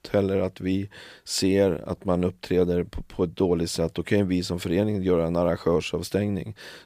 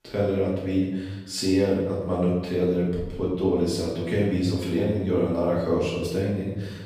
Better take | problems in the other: first | off-mic speech; far // room echo; noticeable; dies away in 1.1 s

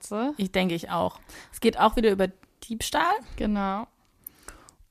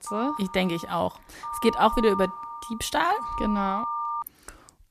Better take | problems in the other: first | phone ringing; noticeable; until 4 s; peak 3 dB below the speech

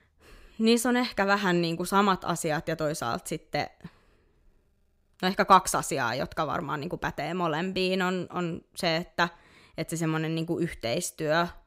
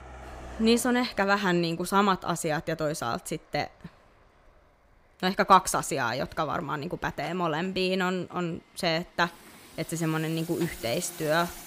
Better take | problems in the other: first | traffic noise; noticeable; throughout; 20 dB below the speech

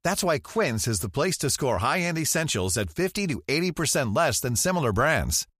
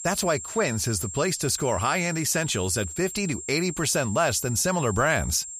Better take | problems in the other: first | high-pitched whine; loud; throughout; 7.5 kHz, 10 dB below the speech

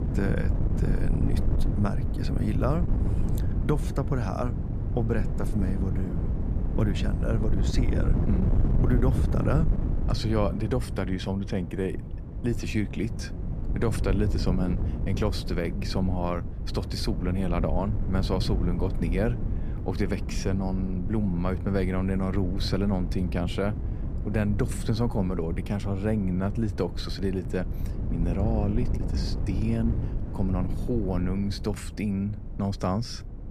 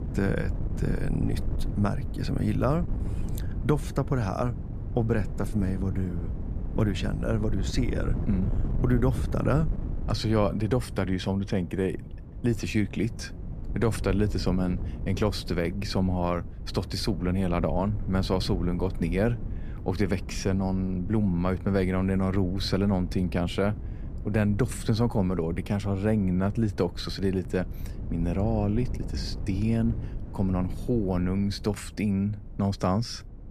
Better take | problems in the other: second | wind noise on the microphone; heavy; 8 dB below the speech; occasional gusts in the second

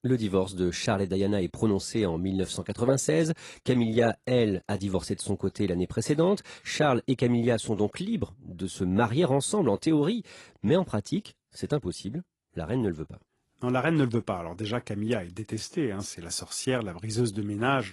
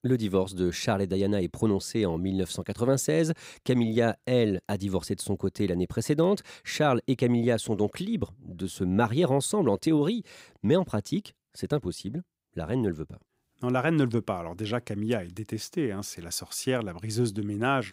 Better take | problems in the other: second | garbled, watery; slightly

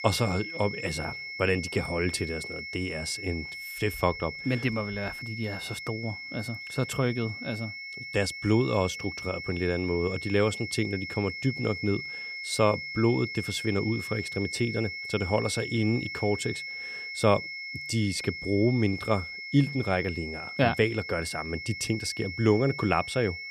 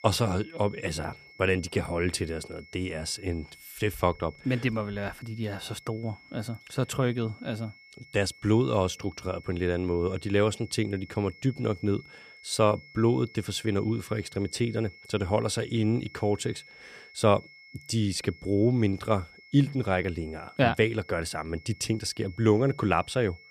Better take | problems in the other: second | high-pitched whine; loud; throughout; 2 kHz, 7 dB below the speech; faint in the second

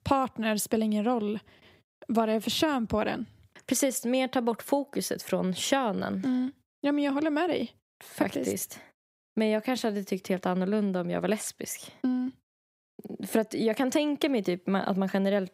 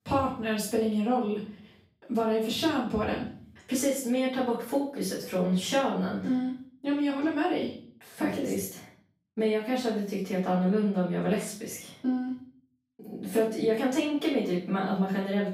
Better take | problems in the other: first | off-mic speech; far // room echo; noticeable; dies away in 0.4 s

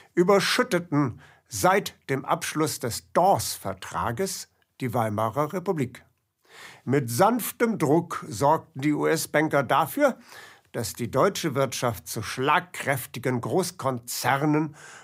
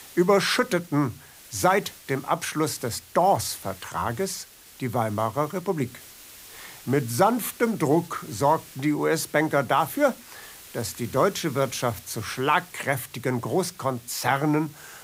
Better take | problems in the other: first | hiss; noticeable; throughout; 20 dB below the speech

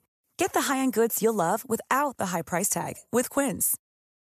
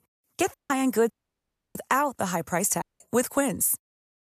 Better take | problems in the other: first | audio cutting out; at 0.5 s, at 1 s for 0.5 s and at 3 s

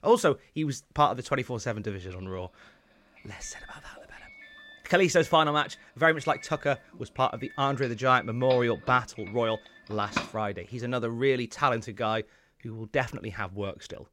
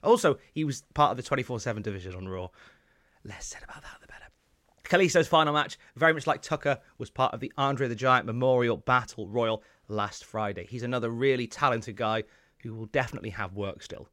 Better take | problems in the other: second | doorbell; noticeable; from 8 to 10 s; peak 6 dB below the speech

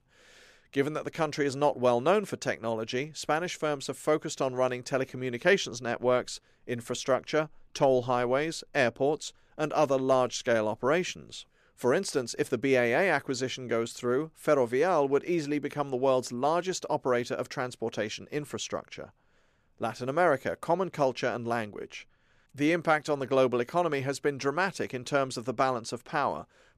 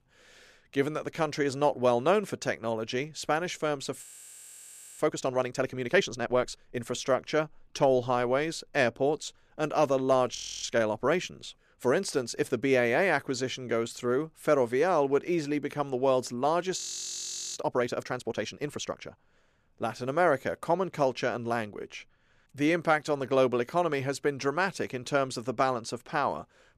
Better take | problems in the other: first | audio freezing; at 4 s for 1 s, at 10 s and at 17 s for 1 s

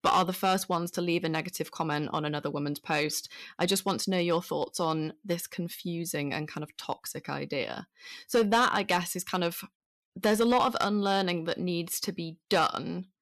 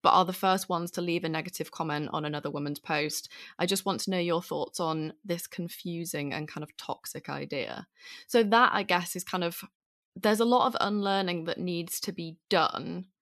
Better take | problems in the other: second | distortion; slight; 2% of the sound clipped

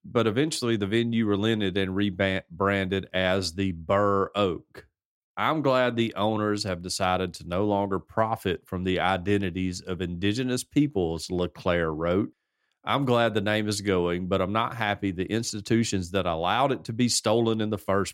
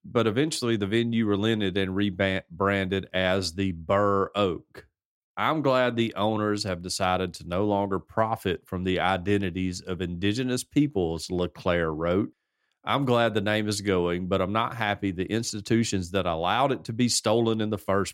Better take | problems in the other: neither | none

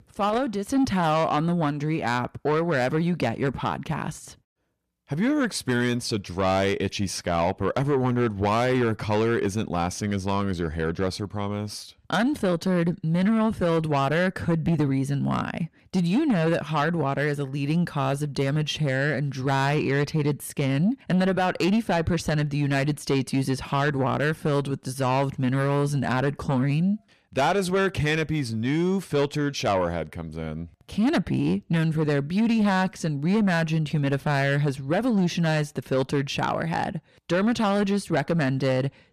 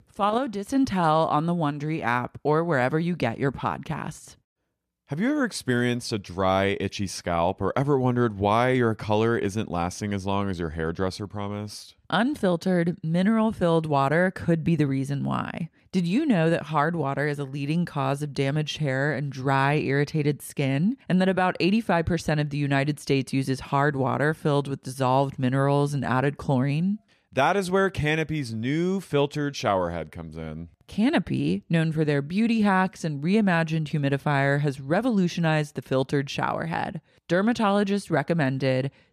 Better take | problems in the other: second | distortion; slight; 10 dB below the speech

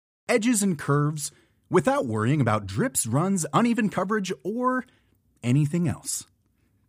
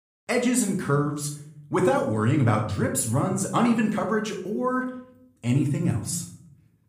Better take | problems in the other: first | room echo; slight; dies away in 0.5 s // off-mic speech; somewhat distant

